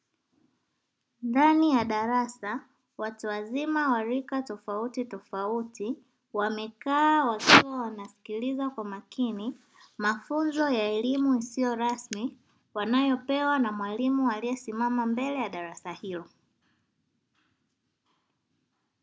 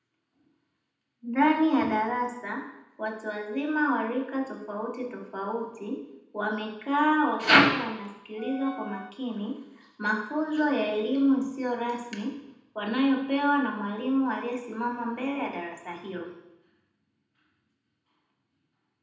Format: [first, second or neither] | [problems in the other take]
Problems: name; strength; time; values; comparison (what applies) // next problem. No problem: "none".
first | background sound (Wind instrument, woodwind instrument); 16 dB below the speech // room echo; dies away in 0.8 s